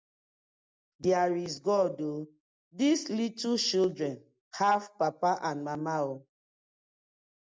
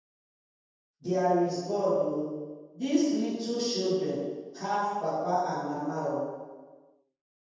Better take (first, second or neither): first